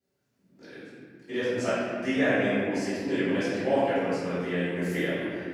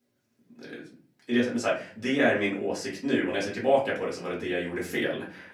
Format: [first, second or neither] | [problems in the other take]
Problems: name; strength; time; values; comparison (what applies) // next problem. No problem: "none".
second | room echo; strong; dies away in 2.2 s; slight in the second // off-mic speech; far; far in the second